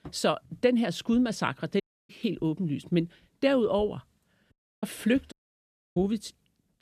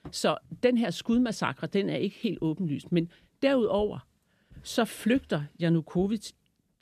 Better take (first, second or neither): second